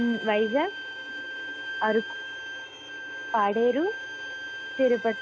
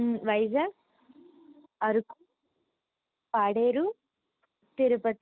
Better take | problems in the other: second | background sound (Bowed string instrument); 8 dB below the speech

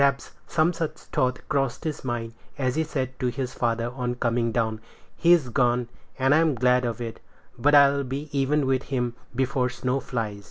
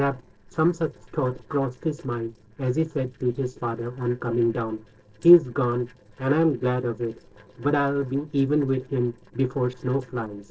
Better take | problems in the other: first | noise reduction (neural separator model SepFormer DNS4)

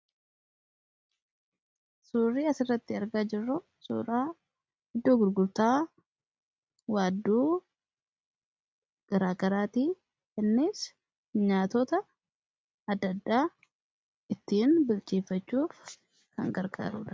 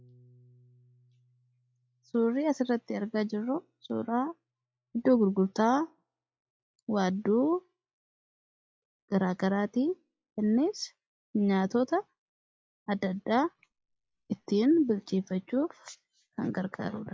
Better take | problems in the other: first | noise reduction (classical method log-MMSE)

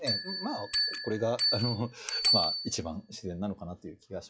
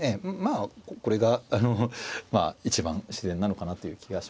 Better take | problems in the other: second | noise reduction (classical method log-MMSE)

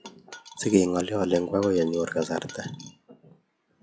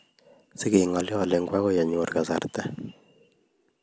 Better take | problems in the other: second | noise reduction (classical method log-MMSE)

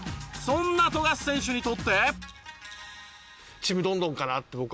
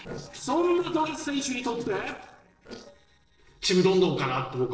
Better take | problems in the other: first | noise reduction (neural separator model SepFormer DNS4)

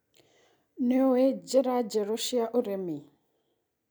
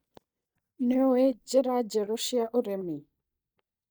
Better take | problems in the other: first | noise reduction (neural mask model DeepFilterNet 3)

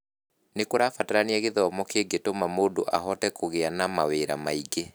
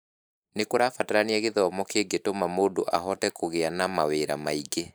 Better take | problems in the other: first | noise reduction (neural mask model Resemble Enhance denoiser)

